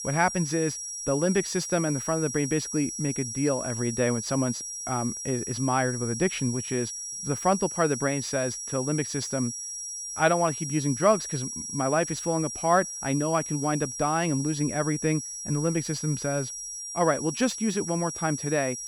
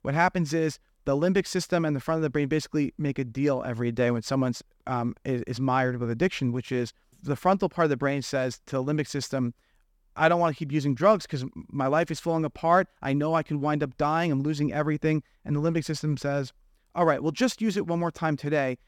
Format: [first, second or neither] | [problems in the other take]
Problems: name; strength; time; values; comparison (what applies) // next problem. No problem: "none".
second | high-pitched whine; loud; throughout; 5.5 kHz, 5 dB below the speech